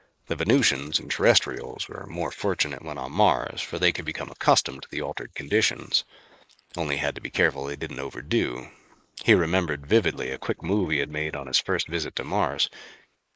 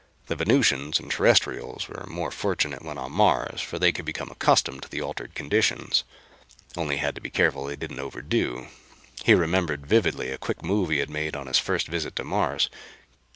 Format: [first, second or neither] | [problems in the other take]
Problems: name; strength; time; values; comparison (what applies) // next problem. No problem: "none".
second | noise reduction (neural mask model Resemble Enhance denoiser)